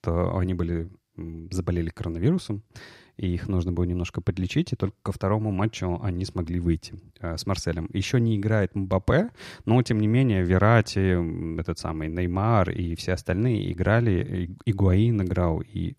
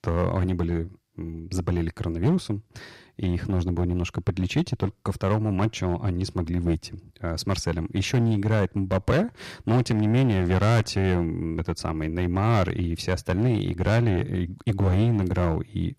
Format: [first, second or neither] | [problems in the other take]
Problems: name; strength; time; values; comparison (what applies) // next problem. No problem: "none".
first | distortion; slight; 6% of the sound clipped